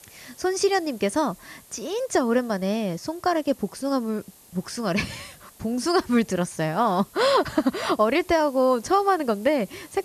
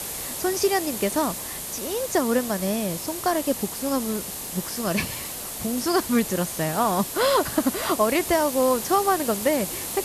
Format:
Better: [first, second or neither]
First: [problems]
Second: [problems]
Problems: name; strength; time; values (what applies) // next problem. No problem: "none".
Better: first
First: hiss; faint; throughout; 25 dB below the speech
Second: hiss; loud; throughout; 6 dB below the speech